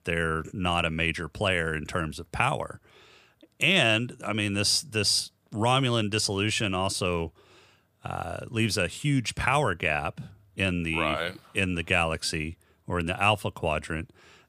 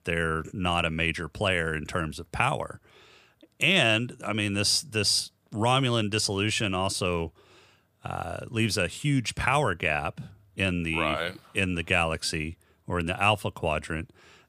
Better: neither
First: none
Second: none

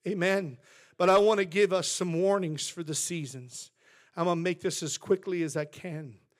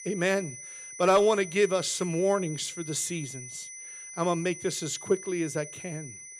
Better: first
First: none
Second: high-pitched whine; noticeable; throughout; 6 kHz, 10 dB below the speech

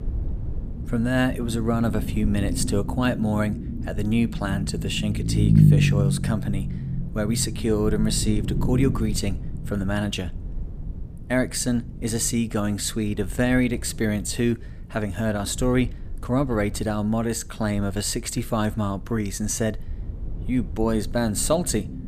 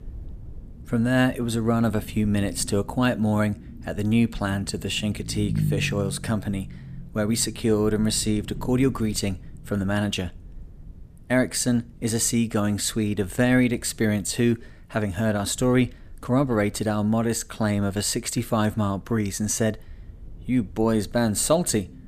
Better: second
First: low rumble; loud; throughout; 9 dB below the speech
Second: low rumble; faint; throughout; 20 dB below the speech

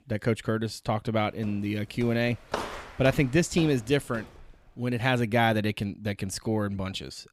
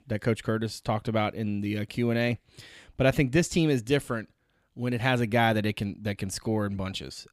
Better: second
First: footsteps; noticeable; from 1.5 to 4 s; peak 6 dB below the speech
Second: none

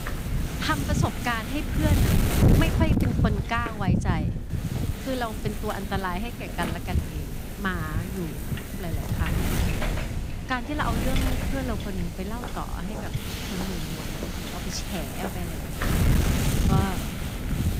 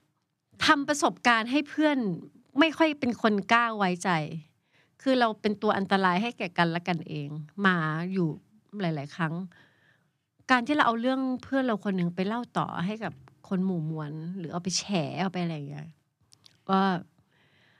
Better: second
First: wind noise on the microphone; heavy; 2 dB below the speech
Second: none

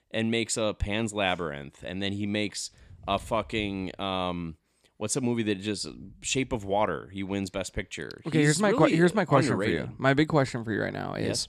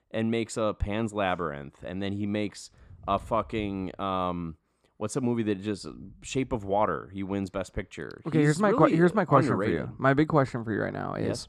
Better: first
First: none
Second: muffled; slightly; fading above 2 kHz

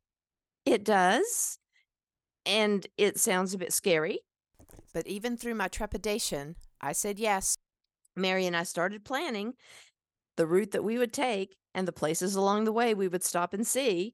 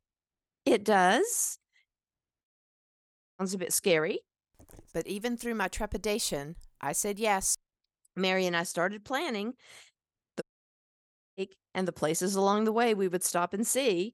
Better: first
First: none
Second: audio cutting out; at 2.5 s for 1 s and at 10 s for 1 s

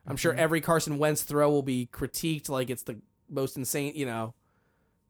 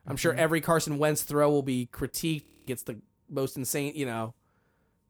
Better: first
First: none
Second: audio freezing; at 2.5 s

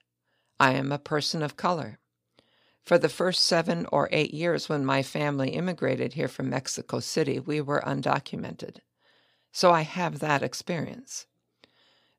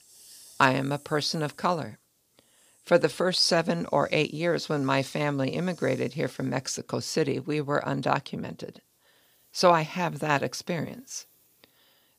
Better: first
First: none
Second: hiss; faint; throughout; 30 dB below the speech

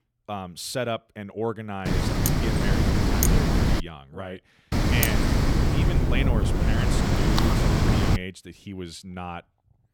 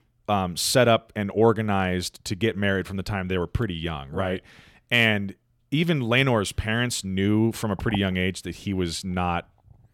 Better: second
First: wind noise on the microphone; heavy; from 2 to 4 s and from 4.5 to 8 s; 5 dB above the speech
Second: none

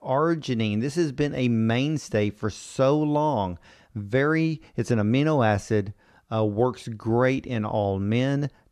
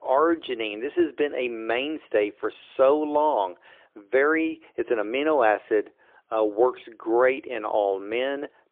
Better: first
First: none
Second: phone-call audio; poor line

